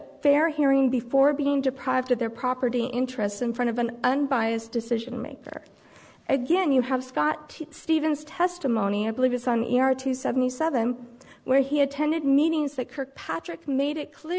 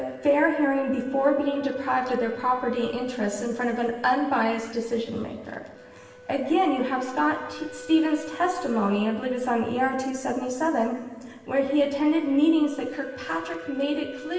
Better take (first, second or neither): first